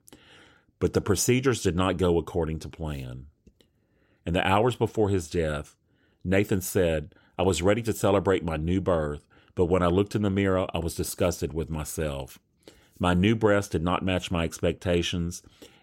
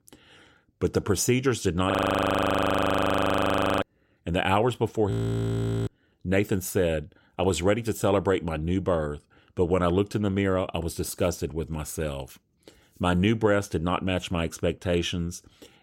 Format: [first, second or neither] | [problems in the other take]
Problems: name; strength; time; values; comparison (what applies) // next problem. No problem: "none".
first | audio freezing; at 2 s for 2 s and at 5 s for 1 s